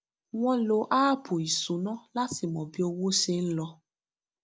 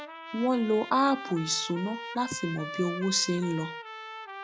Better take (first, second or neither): first